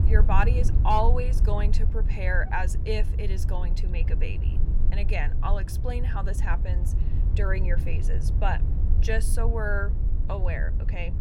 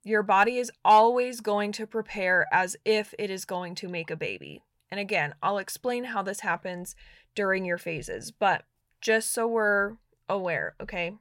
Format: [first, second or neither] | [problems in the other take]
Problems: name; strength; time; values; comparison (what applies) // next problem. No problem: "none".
second | low rumble; noticeable; throughout; 10 dB below the speech